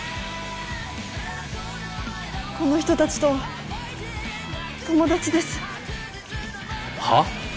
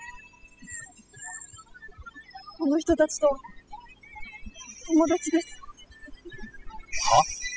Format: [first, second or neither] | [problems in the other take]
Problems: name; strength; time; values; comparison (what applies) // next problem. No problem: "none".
first | noise reduction (classical method spectral subtraction)